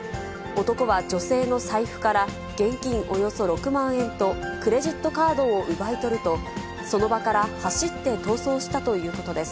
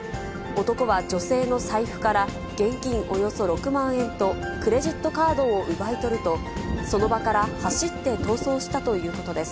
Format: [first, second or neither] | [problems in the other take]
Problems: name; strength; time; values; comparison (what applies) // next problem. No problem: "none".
first | background sound (Thunder); 11 dB below the speech